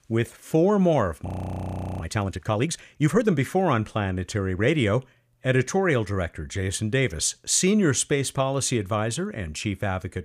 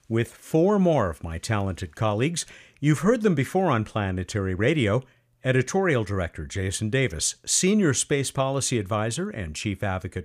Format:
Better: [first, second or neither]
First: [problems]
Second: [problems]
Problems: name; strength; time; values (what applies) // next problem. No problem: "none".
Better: second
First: audio freezing; at 1.5 s for 0.5 s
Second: none